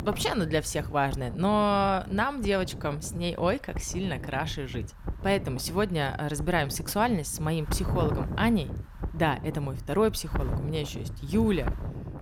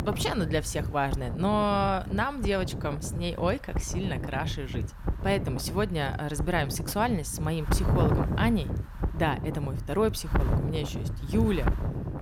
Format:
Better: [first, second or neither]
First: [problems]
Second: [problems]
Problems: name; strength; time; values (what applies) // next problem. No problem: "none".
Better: first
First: wind noise on the microphone; occasional gusts; 15 dB below the speech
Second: wind noise on the microphone; heavy; 9 dB below the speech